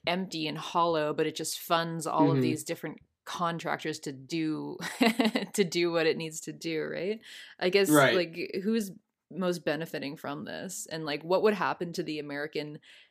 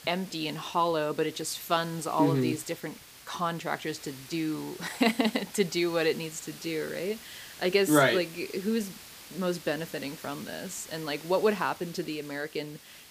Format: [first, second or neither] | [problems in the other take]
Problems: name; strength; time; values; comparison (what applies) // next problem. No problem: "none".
first | hiss; noticeable; throughout; 15 dB below the speech